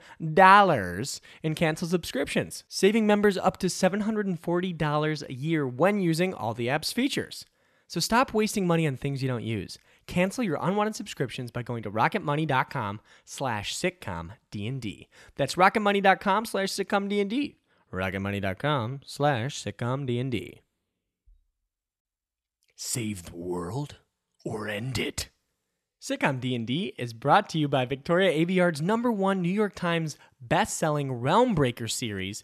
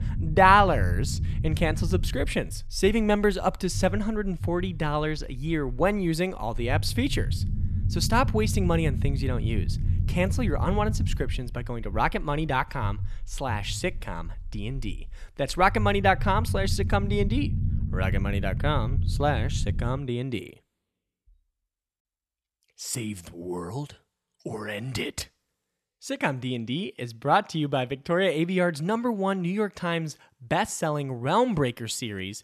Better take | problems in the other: first | low rumble; noticeable; until 20 s; 15 dB below the speech

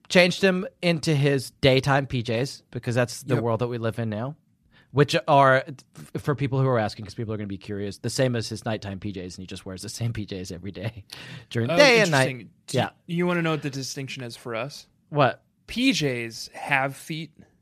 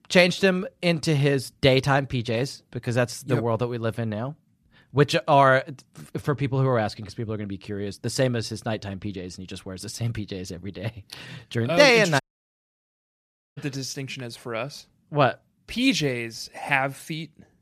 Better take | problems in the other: first | audio cutting out; at 12 s for 1.5 s

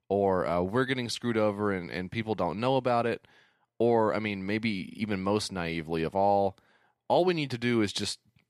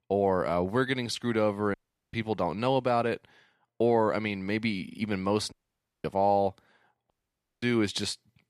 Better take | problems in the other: first | audio cutting out; at 1.5 s, at 5.5 s for 0.5 s and at 7 s for 0.5 s

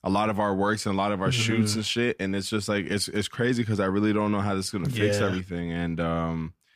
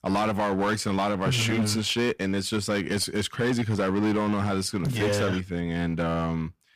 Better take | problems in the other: first | distortion; slight; 11% of the sound clipped

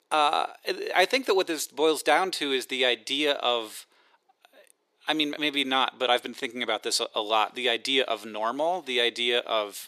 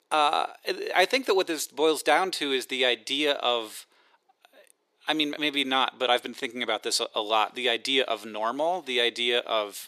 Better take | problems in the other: neither | thin; somewhat; fading below 350 Hz; the same in both

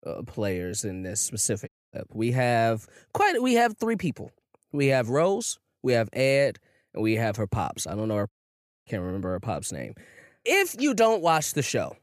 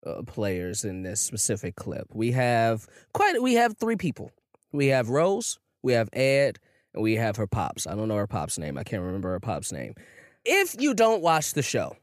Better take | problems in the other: second | audio cutting out; at 1.5 s and at 8.5 s for 0.5 s

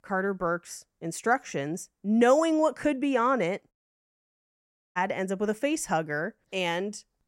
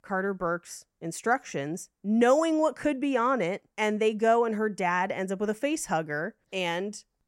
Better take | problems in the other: second | audio cutting out; at 3.5 s for 1 s

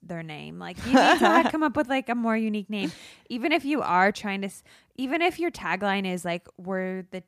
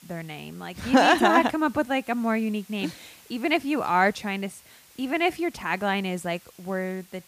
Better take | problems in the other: first | hiss; faint; throughout; 25 dB below the speech

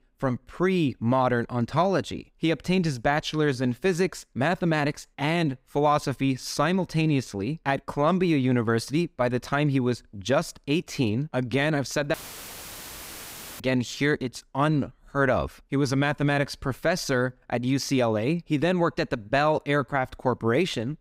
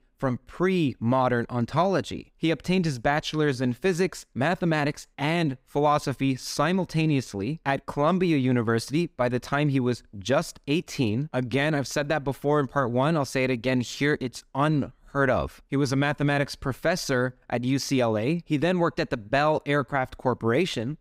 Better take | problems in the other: second | audio cutting out; filled with static; at 12 s for 1.5 s

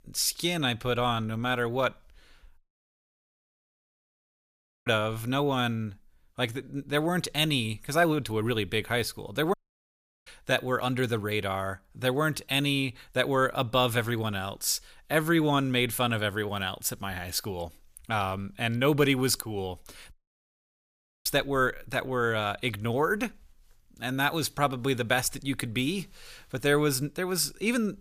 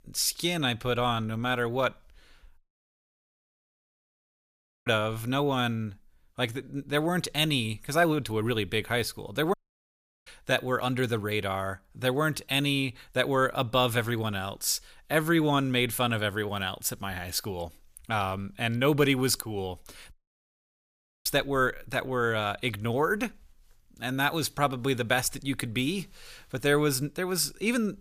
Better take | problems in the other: neither | audio cutting out; at 2.5 s for 2.5 s, at 9.5 s for 0.5 s and at 20 s for 1 s; the same in both

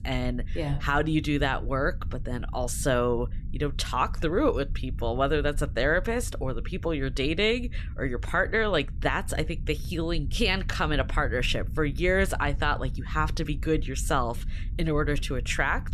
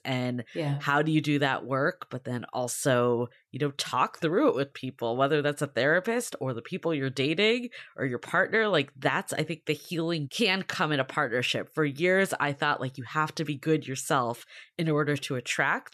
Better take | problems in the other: second | low rumble; faint; throughout; 25 dB below the speech

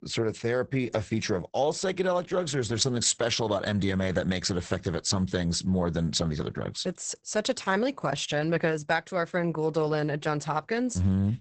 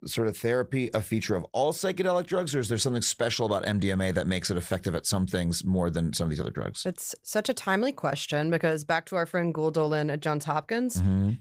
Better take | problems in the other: second | garbled, watery; badly; nothing above 8 kHz; slightly in the second

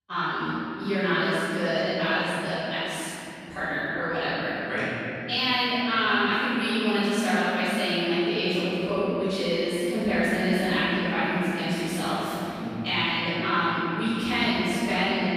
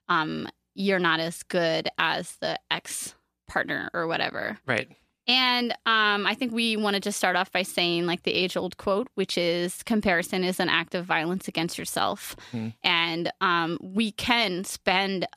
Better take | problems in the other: second | off-mic speech; far // room echo; strong; dies away in 3 s

